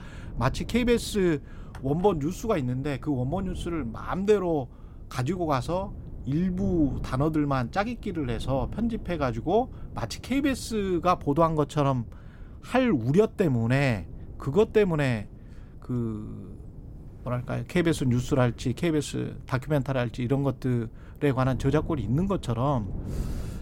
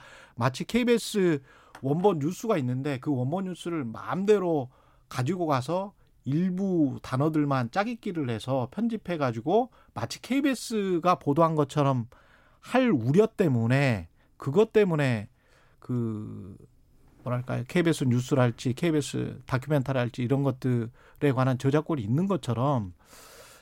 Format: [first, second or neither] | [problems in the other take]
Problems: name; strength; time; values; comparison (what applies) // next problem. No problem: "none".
second | wind noise on the microphone; occasional gusts; 20 dB below the speech